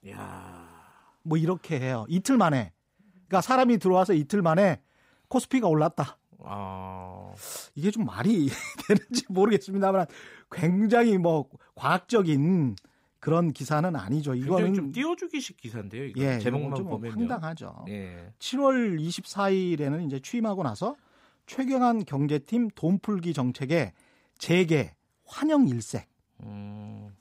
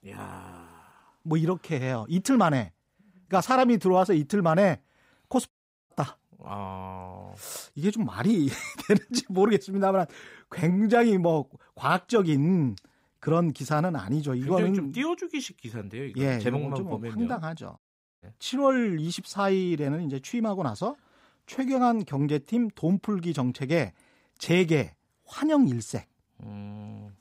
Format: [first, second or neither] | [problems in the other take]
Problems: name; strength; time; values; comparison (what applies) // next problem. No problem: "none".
first | audio cutting out; at 5.5 s and at 18 s